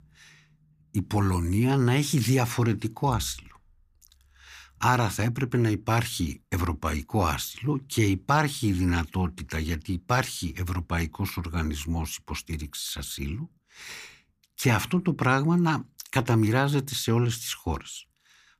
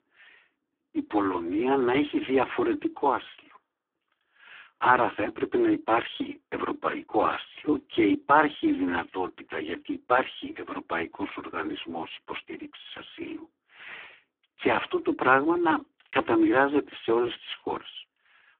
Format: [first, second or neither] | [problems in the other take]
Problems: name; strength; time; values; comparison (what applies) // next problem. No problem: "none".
first | phone-call audio; poor line